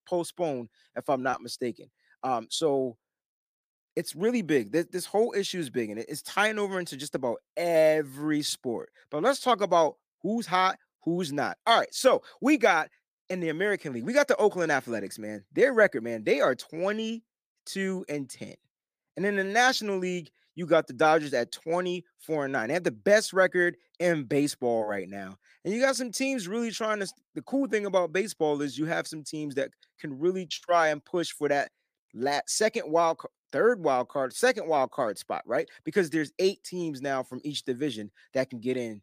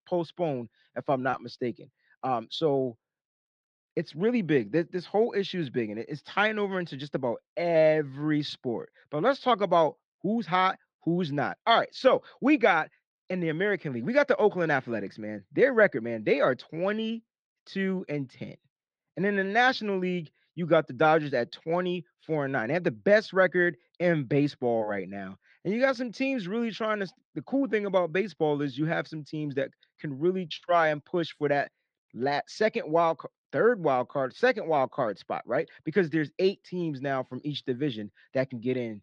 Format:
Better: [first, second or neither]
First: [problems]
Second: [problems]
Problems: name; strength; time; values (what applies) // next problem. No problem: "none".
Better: first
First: none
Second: muffled; slightly; fading above 4 kHz